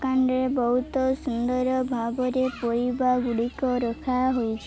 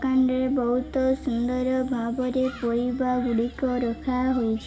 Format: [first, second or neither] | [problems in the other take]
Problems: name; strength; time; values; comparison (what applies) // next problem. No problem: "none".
first | room echo; dies away in 1.1 s